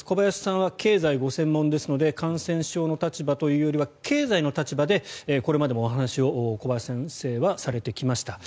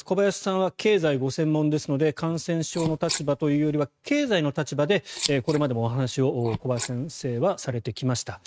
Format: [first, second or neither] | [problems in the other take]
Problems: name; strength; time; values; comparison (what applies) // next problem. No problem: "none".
first | noise reduction (neural mask model RNNoise)